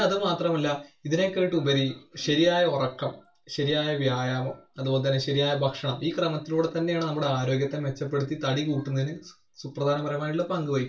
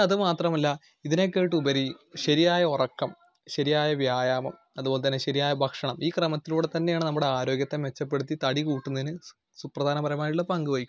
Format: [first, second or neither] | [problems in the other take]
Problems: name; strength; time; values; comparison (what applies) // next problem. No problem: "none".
second | room echo; dies away in 0.3 s